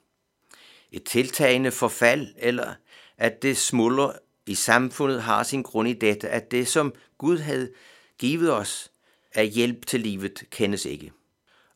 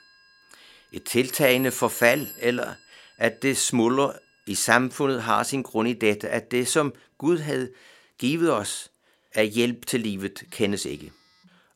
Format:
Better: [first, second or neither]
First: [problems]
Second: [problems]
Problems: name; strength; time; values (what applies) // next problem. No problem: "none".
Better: first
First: none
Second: alarms or sirens; noticeable; throughout; 15 dB below the speech